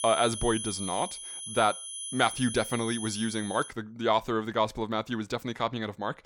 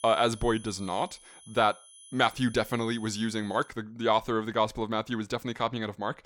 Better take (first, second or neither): second